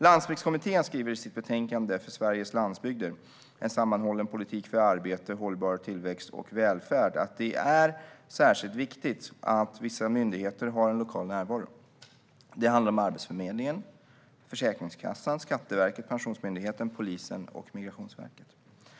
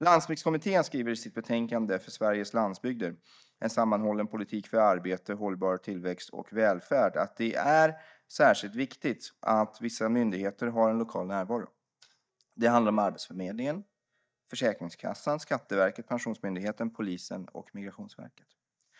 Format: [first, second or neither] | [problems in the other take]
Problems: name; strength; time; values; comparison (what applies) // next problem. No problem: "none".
first | noise reduction (neural mask model DeepFilterNet 3)